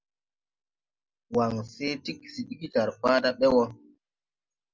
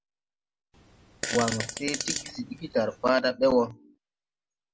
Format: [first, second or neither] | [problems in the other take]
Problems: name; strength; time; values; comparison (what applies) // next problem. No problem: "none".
first | background sound (Fart); 6 dB below the speech